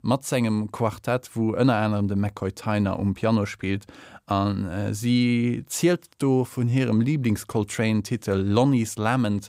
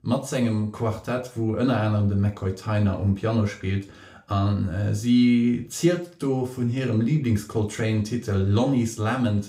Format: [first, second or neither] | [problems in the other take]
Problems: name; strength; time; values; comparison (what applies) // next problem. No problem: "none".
first | room echo; very slight; dies away in 0.3 s // off-mic speech; somewhat distant